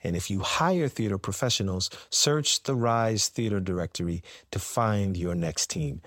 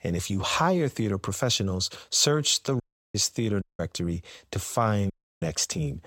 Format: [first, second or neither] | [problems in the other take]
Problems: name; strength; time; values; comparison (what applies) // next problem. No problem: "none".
first | audio cutting out; at 3 s, at 3.5 s and at 5 s